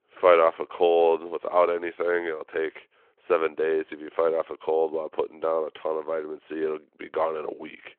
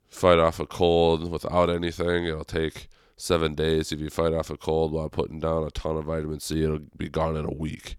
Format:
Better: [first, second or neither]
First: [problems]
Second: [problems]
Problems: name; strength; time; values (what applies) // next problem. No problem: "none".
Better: second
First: phone-call audio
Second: none